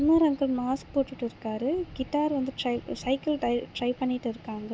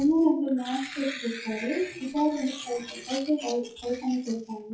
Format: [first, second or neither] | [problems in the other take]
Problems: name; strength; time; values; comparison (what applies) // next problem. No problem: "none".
first | noise reduction (classical method WPE with log-MMSE)